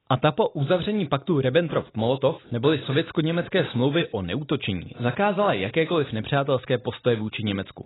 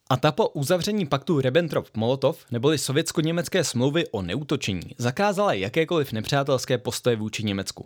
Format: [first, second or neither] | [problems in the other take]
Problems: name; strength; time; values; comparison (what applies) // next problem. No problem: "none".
second | garbled, watery; badly; nothing above 4 kHz